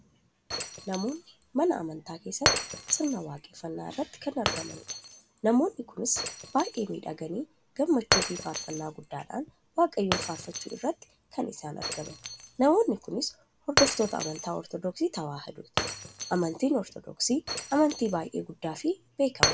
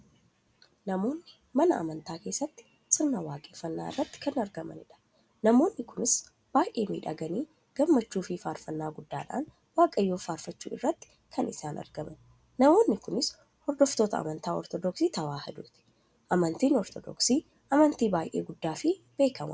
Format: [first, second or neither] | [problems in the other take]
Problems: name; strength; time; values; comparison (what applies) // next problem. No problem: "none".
second | background sound (Shatter); 5 dB below the speech